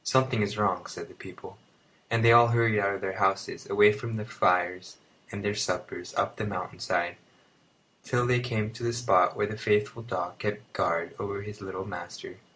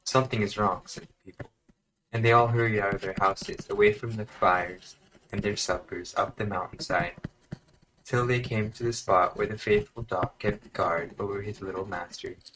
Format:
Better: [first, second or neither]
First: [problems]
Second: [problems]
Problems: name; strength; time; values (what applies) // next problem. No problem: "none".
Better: first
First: none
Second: noise reduction (neural mask model RNNoise)